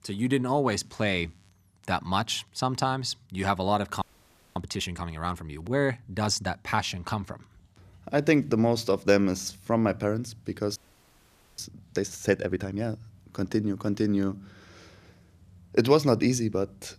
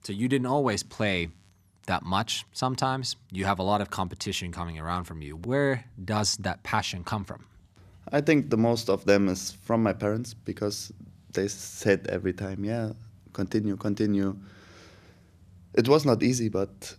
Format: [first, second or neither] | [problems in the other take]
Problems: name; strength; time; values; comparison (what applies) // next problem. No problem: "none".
second | audio freezing; at 4 s for 0.5 s and at 11 s for 1 s